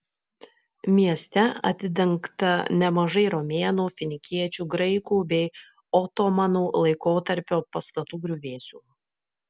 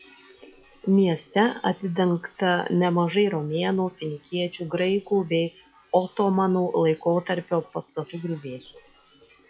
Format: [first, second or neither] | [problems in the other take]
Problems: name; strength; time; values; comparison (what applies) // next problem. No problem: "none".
first | noise reduction (classical method log-MMSE)